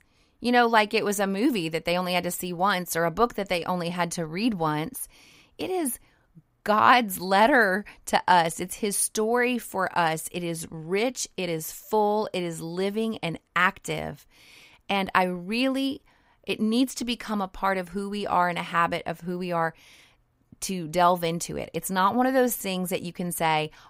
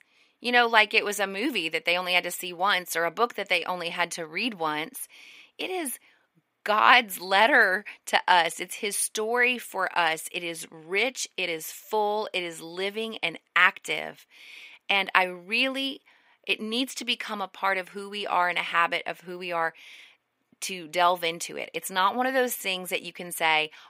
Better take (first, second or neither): first